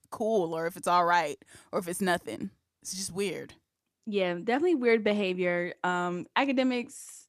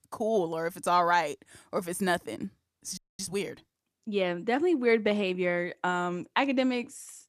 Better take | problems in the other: first | audio freezing; at 3 s

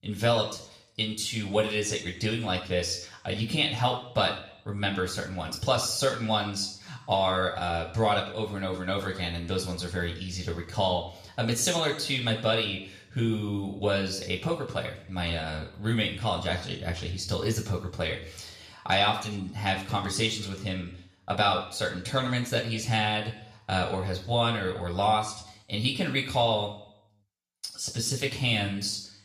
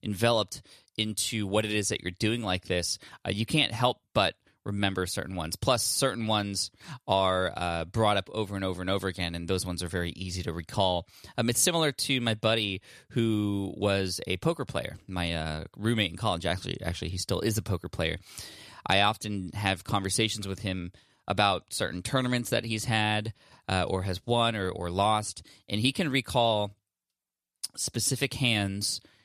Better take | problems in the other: second | room echo; slight; dies away in 0.6 s // off-mic speech; somewhat distant

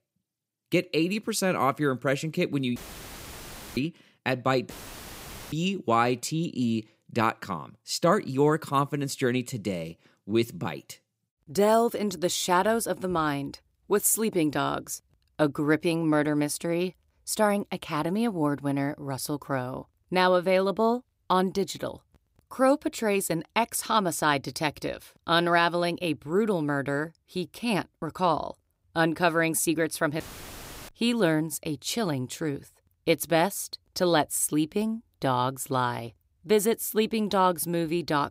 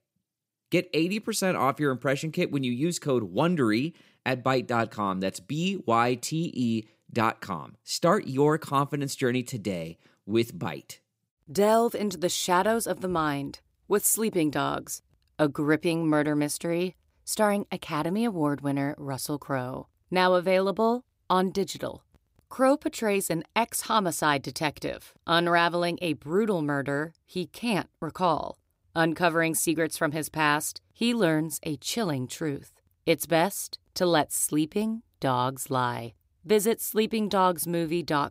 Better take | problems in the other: second | audio cutting out; filled with static; at 3 s for 1 s, at 4.5 s for 1 s and at 30 s for 0.5 s

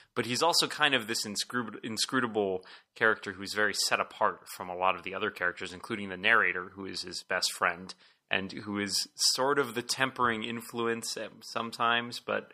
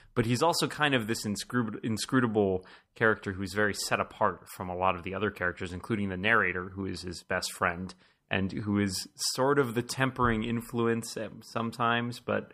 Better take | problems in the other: second | thin; very slightly; fading below 500 Hz

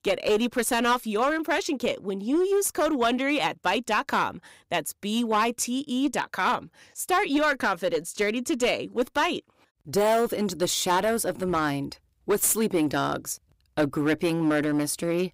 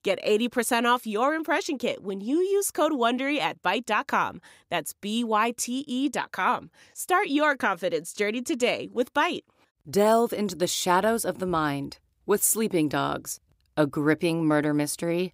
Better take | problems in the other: second | distortion; slight; 7% of the sound clipped

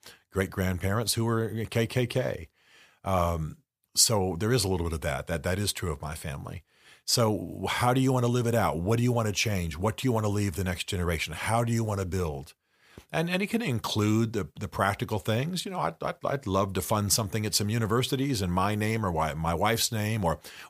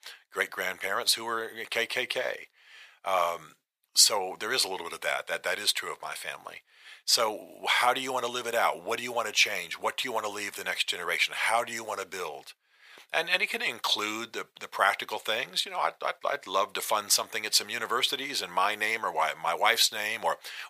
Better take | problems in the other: first | thin; very; fading below 700 Hz

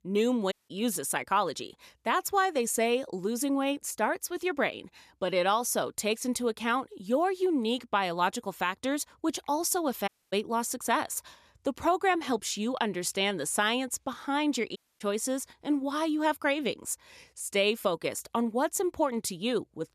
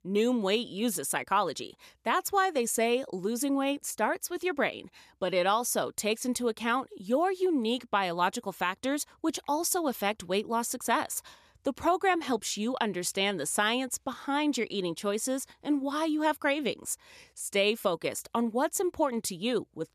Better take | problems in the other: second | audio cutting out; at 0.5 s, at 10 s and at 15 s

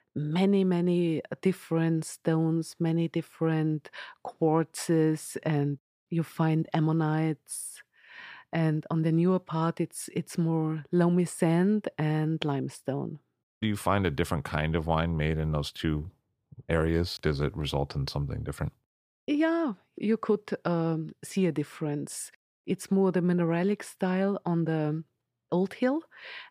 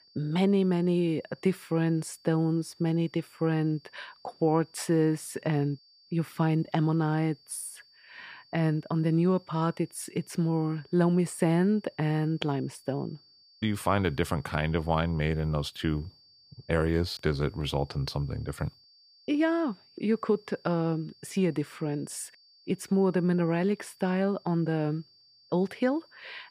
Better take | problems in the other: first | high-pitched whine; faint; throughout; 4.5 kHz, 30 dB below the speech

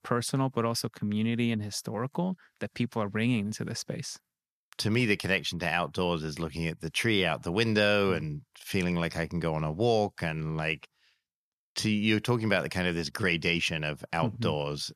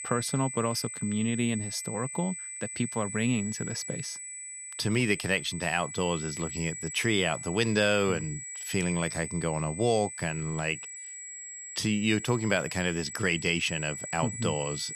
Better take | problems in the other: first | high-pitched whine; loud; throughout; 8 kHz, 8 dB below the speech

